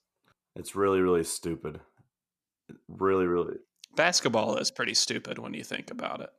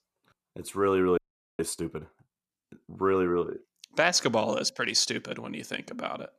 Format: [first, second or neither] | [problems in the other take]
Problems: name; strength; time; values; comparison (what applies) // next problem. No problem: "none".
first | audio freezing; at 1 s